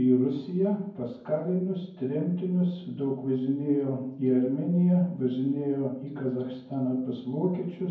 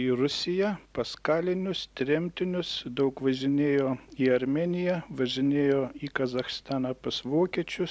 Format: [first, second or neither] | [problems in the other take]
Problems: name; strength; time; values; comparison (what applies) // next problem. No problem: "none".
second | room echo; dies away in 0.9 s